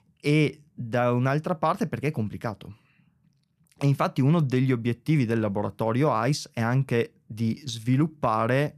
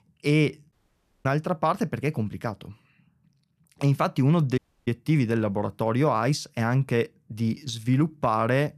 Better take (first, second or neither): first